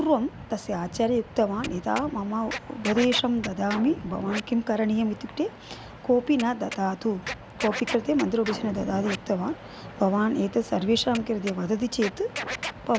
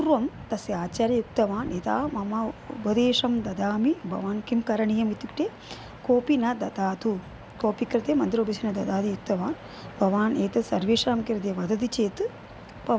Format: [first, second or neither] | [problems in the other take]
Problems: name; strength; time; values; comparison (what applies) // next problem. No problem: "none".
second | background sound (Scratching (performance technique)); 13 dB below the speech